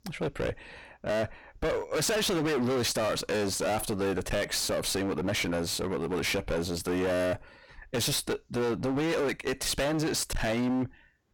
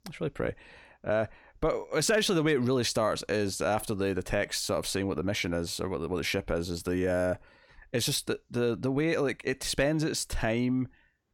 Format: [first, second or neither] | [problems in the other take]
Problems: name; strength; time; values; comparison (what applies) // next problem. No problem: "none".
second | distortion; heavy; 28% of the sound clipped